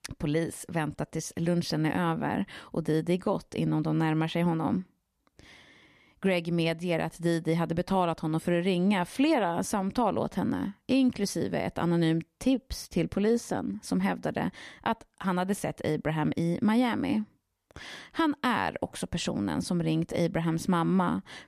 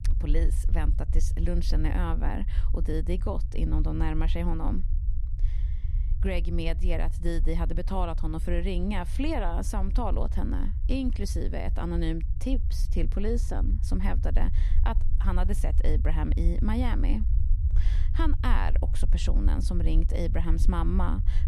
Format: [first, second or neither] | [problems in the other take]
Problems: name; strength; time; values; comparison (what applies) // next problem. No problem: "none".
first | low rumble; noticeable; throughout; 15 dB below the speech